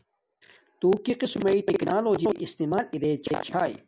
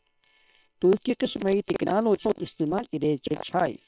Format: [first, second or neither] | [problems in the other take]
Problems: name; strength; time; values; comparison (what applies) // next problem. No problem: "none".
first | noise reduction (neural separator model SepFormer WHAM!)